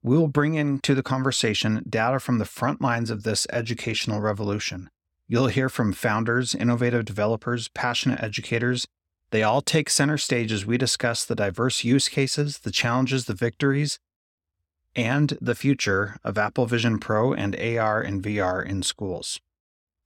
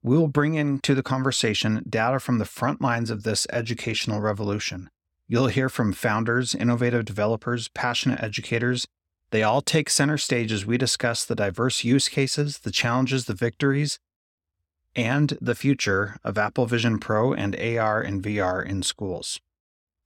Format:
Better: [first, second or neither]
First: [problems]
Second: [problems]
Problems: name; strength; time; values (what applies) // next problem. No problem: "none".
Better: neither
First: none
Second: none